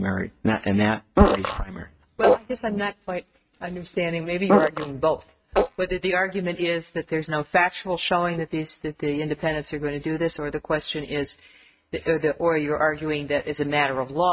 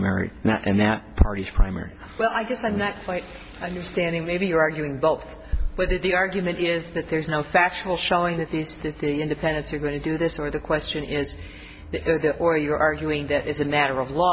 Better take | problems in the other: second | noise reduction (neural mask model RNNoise)

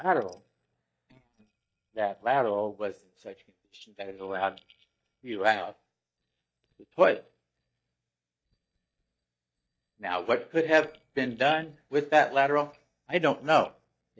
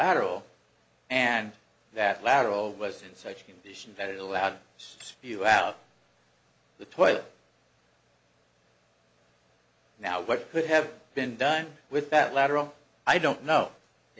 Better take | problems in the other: second | noise reduction (neural mask model DeepFilterNet 3)

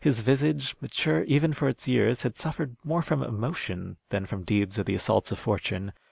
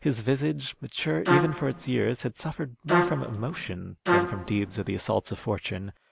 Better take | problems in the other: first | background sound (Trumpet); 1 dB above the speech

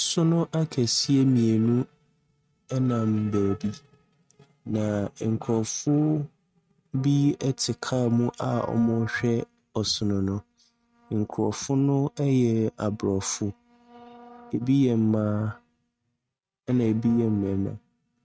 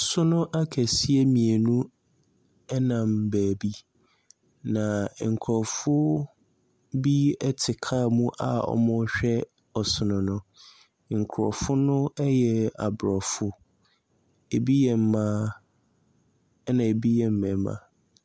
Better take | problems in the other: second | noise reduction (neural mask model RNNoise)

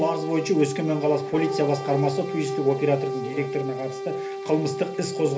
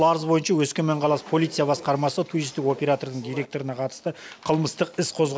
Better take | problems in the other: second | background sound (Brass instrument); 5 dB below the speech // room echo; dies away in 0.3 s

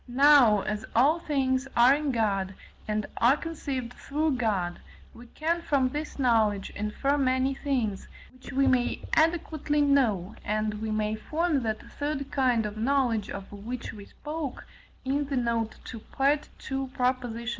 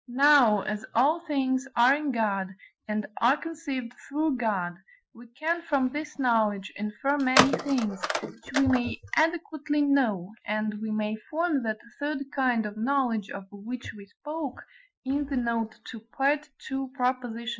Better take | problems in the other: first | noise reduction (classical method Wiener filter)

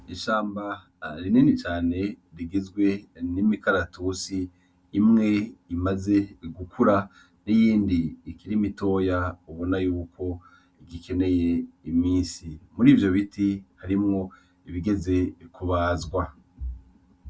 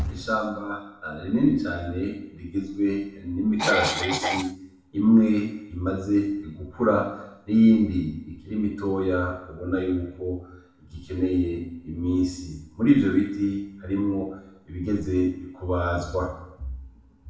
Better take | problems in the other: first | background sound (Cough); 2 dB below the speech // room echo; dies away in 0.8 s

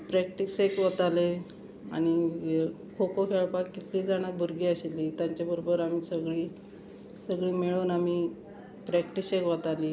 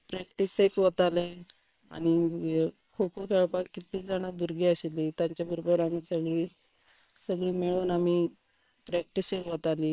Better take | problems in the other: first | noise reduction (neural separator model SepFormer WHAM!)

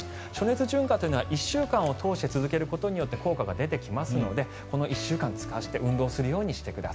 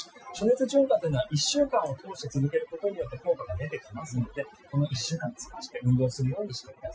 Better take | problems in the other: first | noise reduction (classical method Wiener filter)

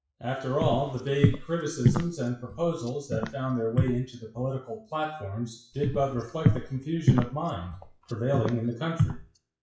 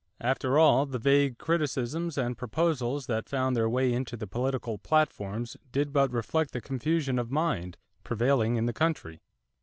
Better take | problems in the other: second | noise reduction (classical method WPE with log-MMSE)

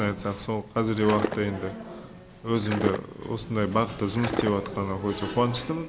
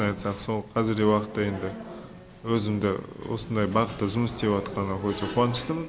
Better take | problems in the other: second | background sound (Skateboard); 3 dB below the speech

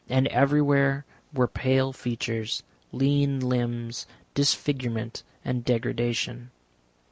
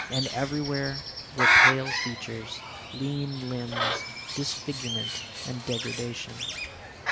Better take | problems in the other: first | background sound (Bird); 4 dB above the speech

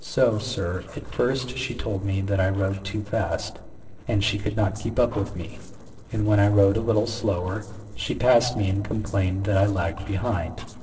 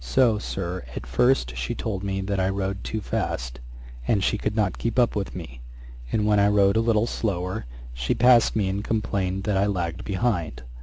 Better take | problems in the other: second | noise reduction (neural separator model SepFormer DNS4)

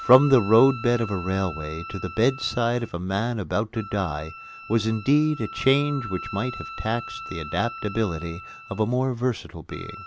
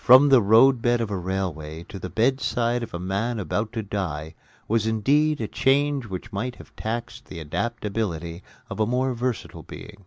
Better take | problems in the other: second | background sound (Wind instrument, woodwind instrument); 14 dB below the speech

